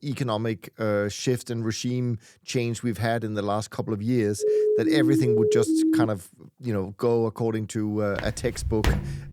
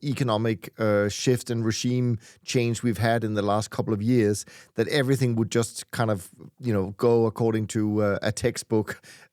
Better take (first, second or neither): second